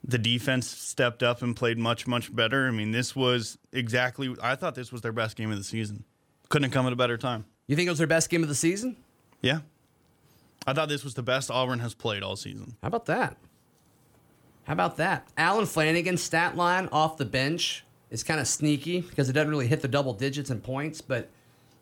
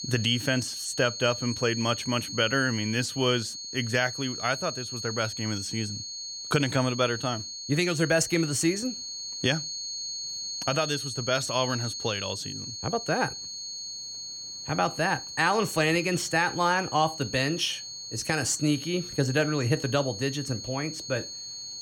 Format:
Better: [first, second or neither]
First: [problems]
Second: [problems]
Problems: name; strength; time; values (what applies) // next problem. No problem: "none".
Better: first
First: none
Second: high-pitched whine; loud; throughout; 4.5 kHz, 7 dB below the speech